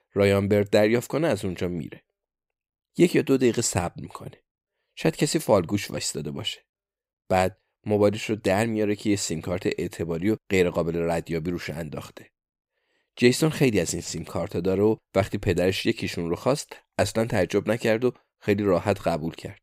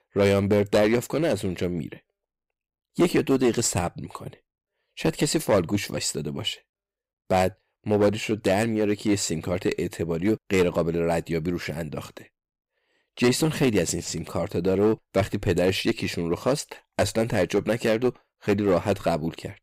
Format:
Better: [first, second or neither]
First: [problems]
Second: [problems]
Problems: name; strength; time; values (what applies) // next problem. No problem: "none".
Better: first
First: none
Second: distortion; slight; 4% of the sound clipped